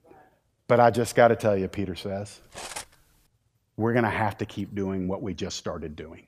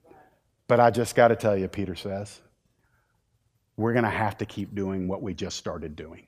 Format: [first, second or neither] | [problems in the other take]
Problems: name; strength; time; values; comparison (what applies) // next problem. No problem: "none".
second | clattering dishes; faint; at 2.5 s; peak 10 dB below the speech